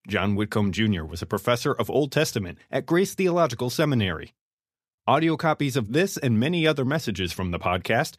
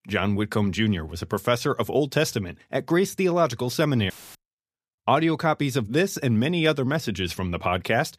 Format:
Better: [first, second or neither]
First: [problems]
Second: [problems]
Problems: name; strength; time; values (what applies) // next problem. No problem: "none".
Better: first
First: none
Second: audio cutting out; filled with static; at 4 s